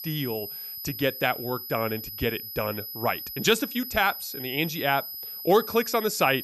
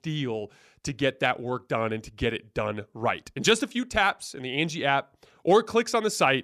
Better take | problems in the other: second | high-pitched whine; loud; throughout; 12 kHz, 8 dB below the speech

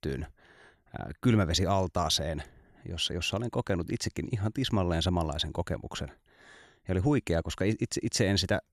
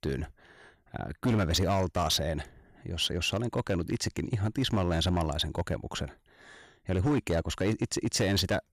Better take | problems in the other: first | distortion; slight; 7% of the sound clipped

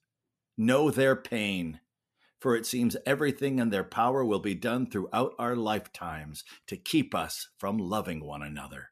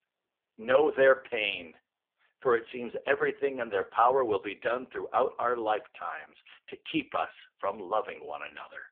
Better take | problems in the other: first | phone-call audio; poor line; nothing above 3.5 kHz

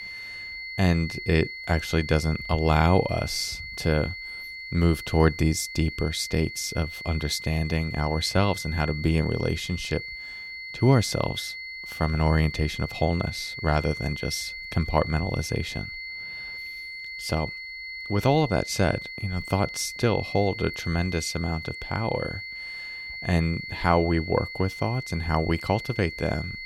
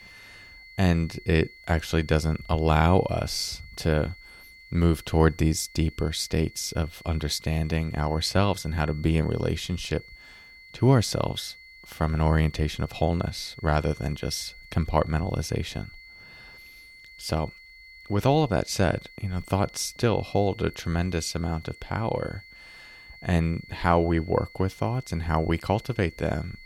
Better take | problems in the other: second | high-pitched whine; loud; throughout; 2 kHz, 9 dB below the speech; faint in the second

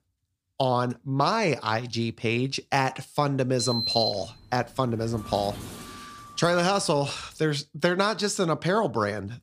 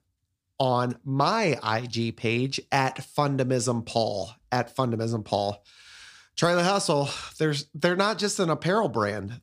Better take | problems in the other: second | door banging; loud; from 3.5 to 6.5 s; peak 1 dB above the speech

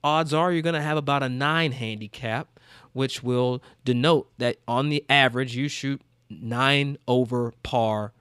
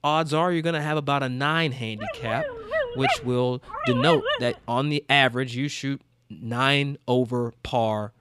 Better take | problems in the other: first | dog barking; loud; from 2 to 4.5 s; peak level with the speech

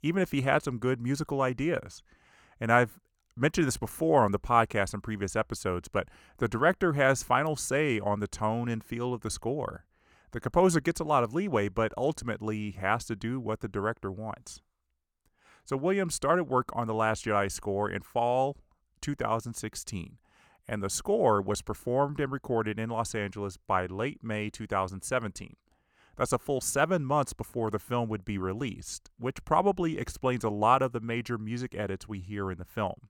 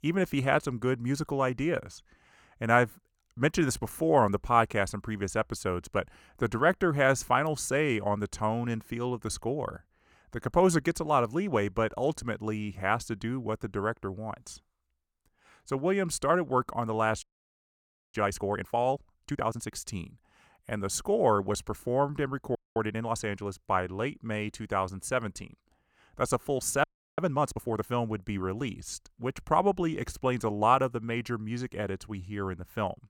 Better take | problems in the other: first | audio freezing; at 17 s for 1 s, at 23 s and at 27 s

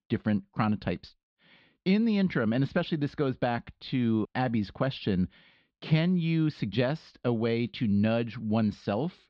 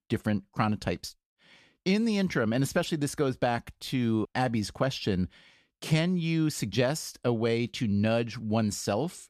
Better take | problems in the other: second | muffled; very slightly; fading above 4 kHz

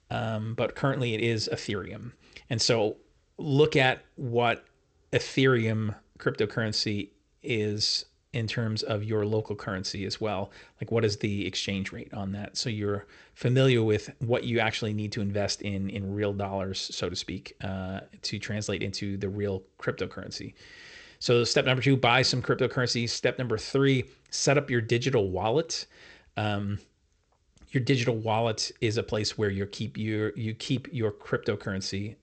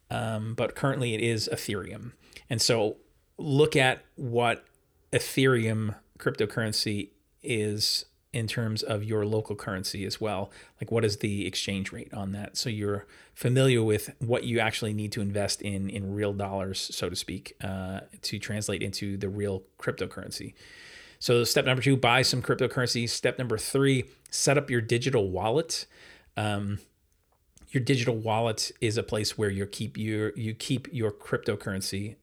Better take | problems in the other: second | garbled, watery; slightly; nothing above 8 kHz

